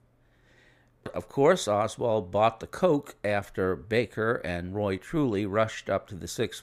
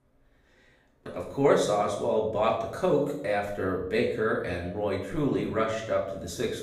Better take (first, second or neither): first